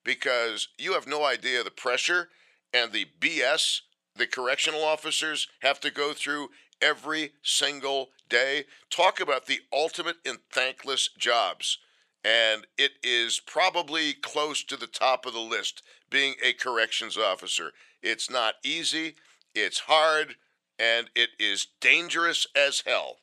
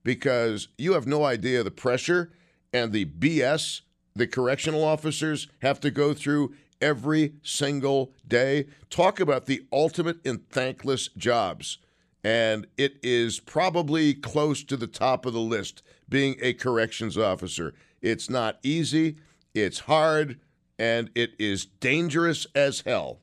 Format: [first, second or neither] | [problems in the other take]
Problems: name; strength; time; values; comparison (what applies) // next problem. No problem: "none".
second | thin; very; fading below 750 Hz